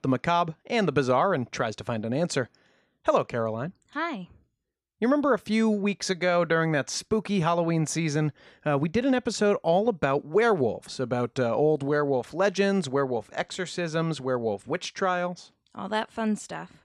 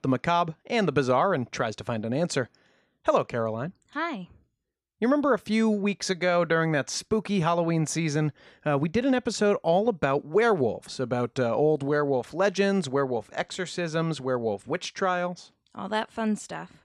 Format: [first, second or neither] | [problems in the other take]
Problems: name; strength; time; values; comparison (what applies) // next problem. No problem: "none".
neither | none